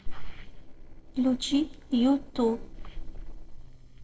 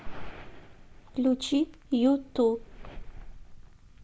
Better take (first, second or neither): second